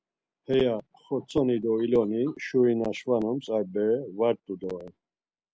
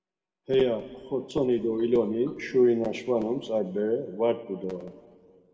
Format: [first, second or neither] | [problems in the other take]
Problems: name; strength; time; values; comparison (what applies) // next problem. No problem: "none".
first | room echo; dies away in 1.7 s